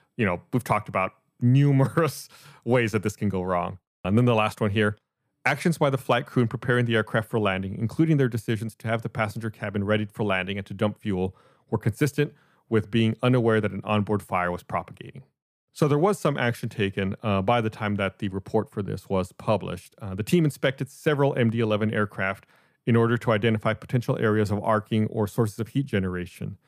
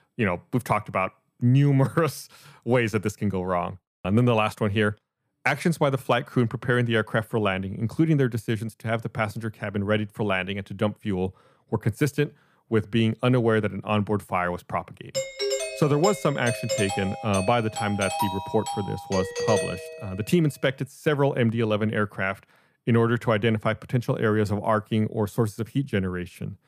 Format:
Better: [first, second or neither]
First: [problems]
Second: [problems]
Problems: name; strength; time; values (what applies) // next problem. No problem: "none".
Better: first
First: none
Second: doorbell; noticeable; from 15 to 20 s; peak 2 dB below the speech